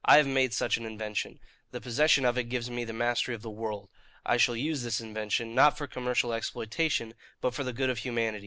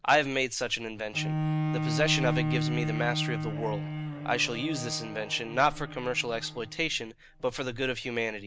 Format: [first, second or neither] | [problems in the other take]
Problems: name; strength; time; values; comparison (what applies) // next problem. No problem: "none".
first | background sound (Bowed string instrument); 3 dB below the speech